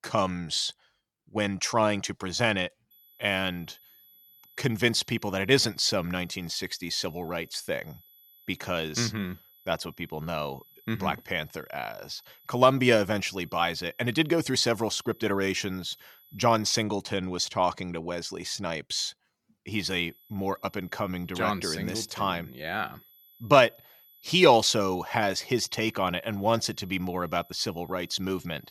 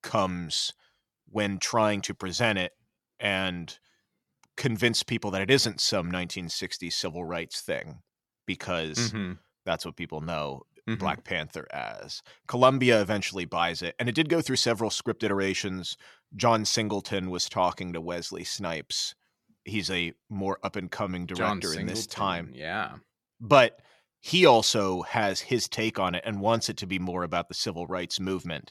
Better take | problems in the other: second | high-pitched whine; faint; from 3 to 17 s and from 20 s on; 12 kHz, 25 dB below the speech

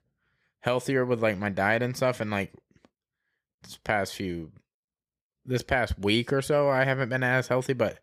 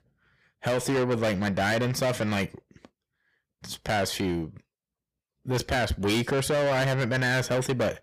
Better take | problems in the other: first | distortion; heavy; 6 dB below the speech

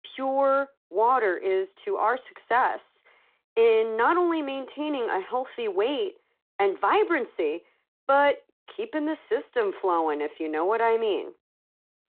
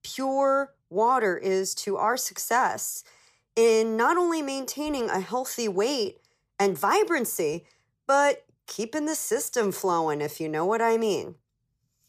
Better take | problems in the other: second | phone-call audio

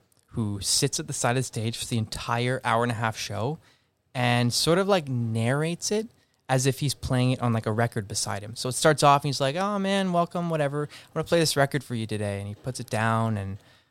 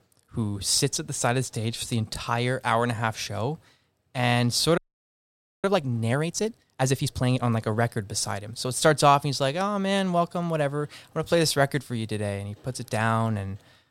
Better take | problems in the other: first | audio freezing; at 5 s for 1 s

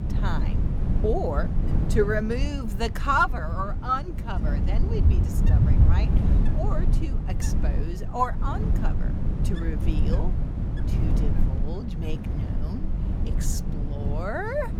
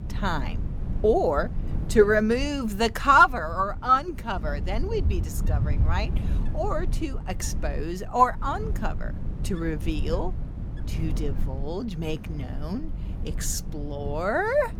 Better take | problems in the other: second | wind noise on the microphone; heavy; 9 dB below the speech; occasional gusts in the second

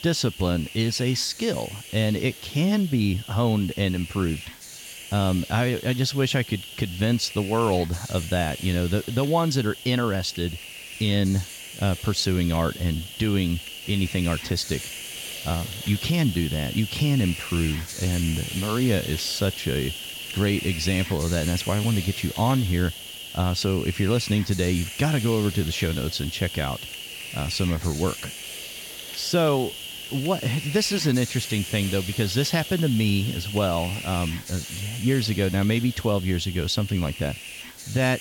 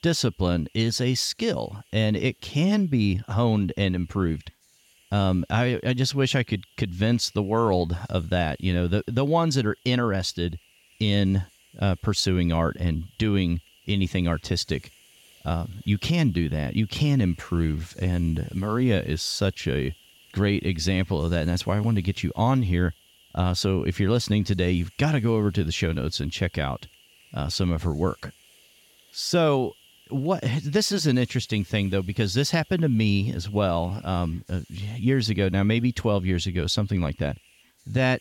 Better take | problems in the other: second | hiss; loud; throughout; 9 dB below the speech; faint in the second

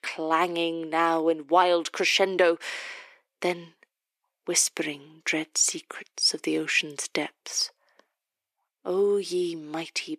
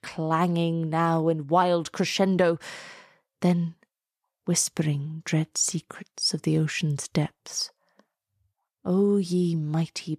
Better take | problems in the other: second | thin; very; fading below 350 Hz

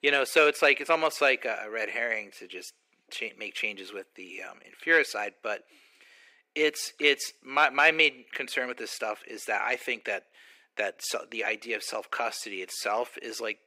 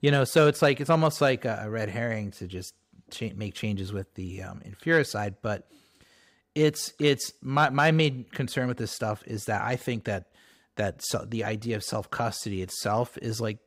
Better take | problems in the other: second | thin; very; fading below 350 Hz

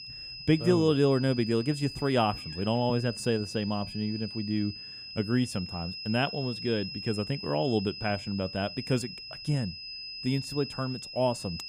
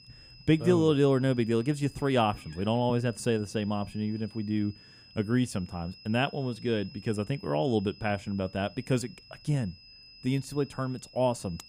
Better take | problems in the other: second | high-pitched whine; loud; throughout; 5 kHz, 9 dB below the speech; faint in the second

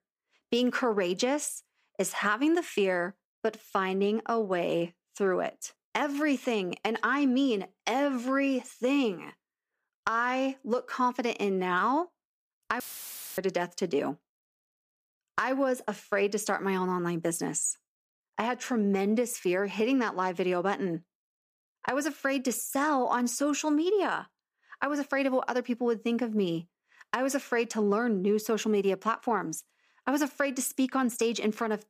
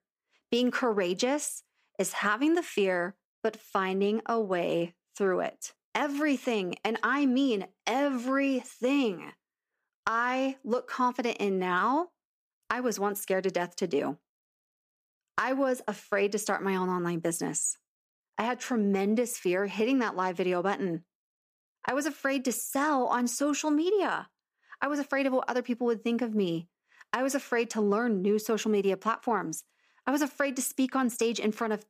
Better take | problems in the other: second | audio cutting out; filled with static; at 13 s for 0.5 s

